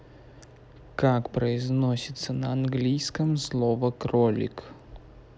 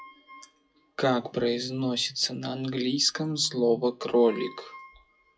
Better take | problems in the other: first | noise reduction (classical method WPE with log-MMSE)

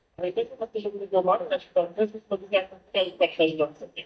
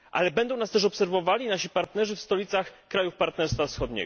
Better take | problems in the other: second | noise reduction (neural mask model DeepFilterNet 3)

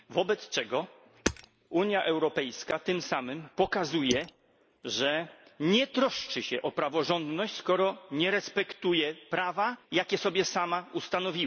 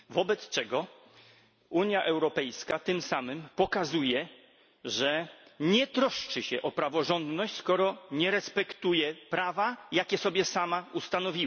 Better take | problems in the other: second | noise reduction (neural mask model Resemble Enhance denoiser)

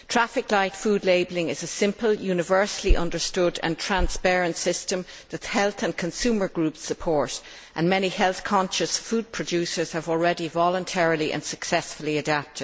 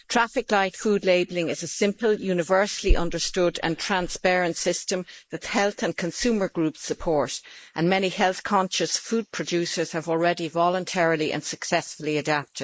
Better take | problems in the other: first | noise reduction (neural mask model Resemble Enhance denoiser)

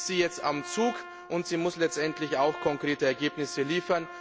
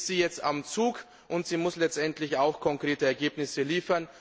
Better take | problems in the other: second | background sound (Trumpet); 14 dB below the speech

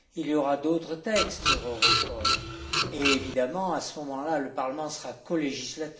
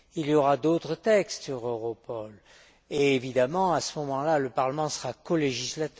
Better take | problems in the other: second | background sound (Printer); 3 dB above the speech // room echo; dies away in 1.7 s

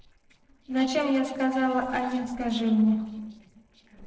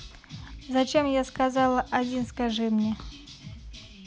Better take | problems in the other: second | noise reduction (neural separator model SepFormer DNS4)

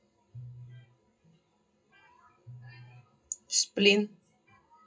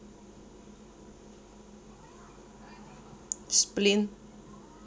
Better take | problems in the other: second | noise reduction (classical method WPE with log-MMSE)

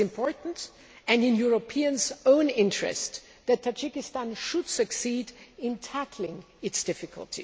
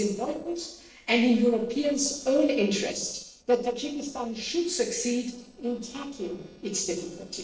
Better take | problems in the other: first | noise reduction (neural separator model SepFormer DNS4)

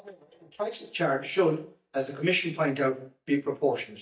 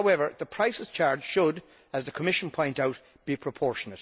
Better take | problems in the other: second | noise reduction (neural mask model DeepFilterNet 3)

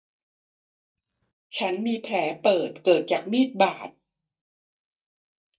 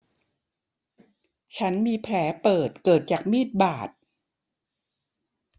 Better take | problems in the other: second | noise reduction (neural mask model DeepFilterNet 3)

